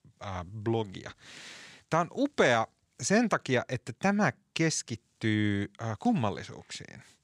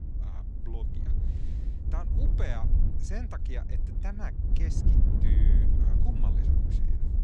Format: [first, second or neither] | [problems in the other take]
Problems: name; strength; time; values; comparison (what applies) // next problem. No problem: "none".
first | wind noise on the microphone; heavy; as loud as the speech